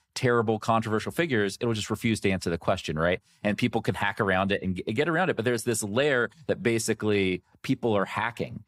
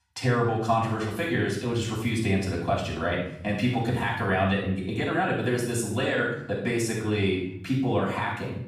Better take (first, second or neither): first